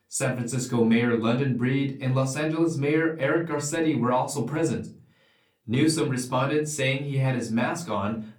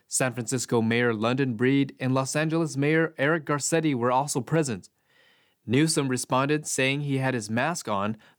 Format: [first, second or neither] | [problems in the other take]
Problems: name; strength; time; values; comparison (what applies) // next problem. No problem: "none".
second | off-mic speech; far // room echo; very slight; dies away in 0.3 s